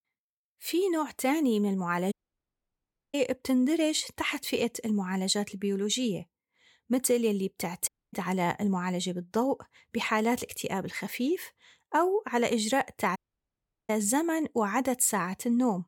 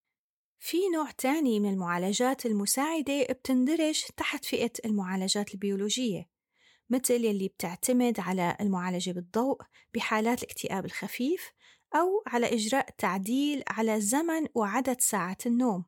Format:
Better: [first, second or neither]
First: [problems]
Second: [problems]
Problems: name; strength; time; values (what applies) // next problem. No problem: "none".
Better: second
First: audio cutting out; at 2 s for 1 s, at 8 s and at 13 s for 0.5 s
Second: none